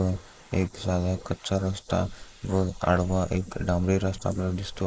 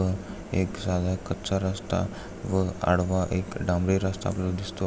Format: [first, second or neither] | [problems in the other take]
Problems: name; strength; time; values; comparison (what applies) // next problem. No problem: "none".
second | noise reduction (neural mask model Resemble Enhance denoiser)